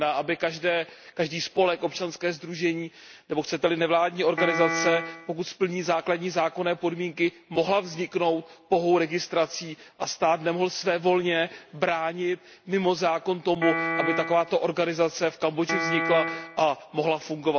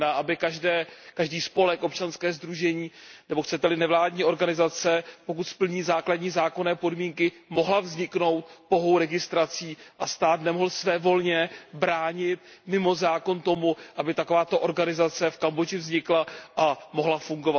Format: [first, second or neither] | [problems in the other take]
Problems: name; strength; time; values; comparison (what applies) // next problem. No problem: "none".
second | background sound (Piano); 2 dB below the speech